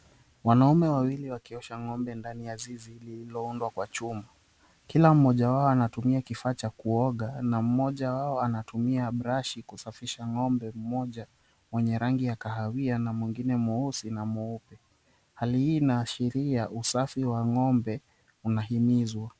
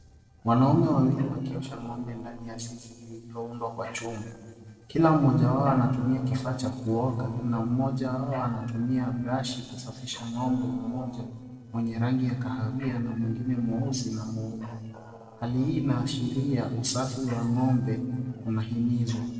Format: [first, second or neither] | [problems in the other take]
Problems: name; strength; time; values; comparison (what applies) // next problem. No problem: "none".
first | noise reduction (neural separator model SepFormer DNS4)